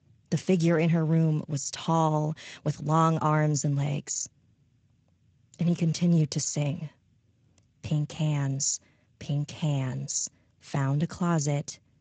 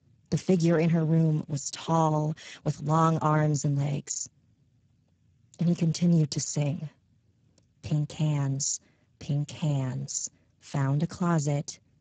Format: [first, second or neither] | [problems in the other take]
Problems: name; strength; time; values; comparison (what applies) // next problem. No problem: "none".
first | garbled, watery; badly; nothing above 7.5 kHz; slightly in the first